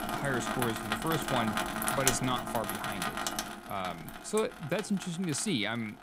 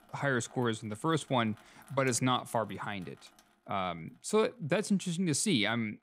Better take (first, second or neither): second